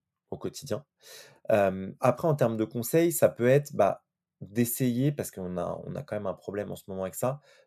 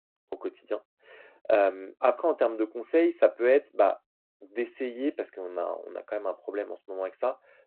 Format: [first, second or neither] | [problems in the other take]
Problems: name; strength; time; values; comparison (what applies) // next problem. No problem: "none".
first | phone-call audio; nothing above 4 kHz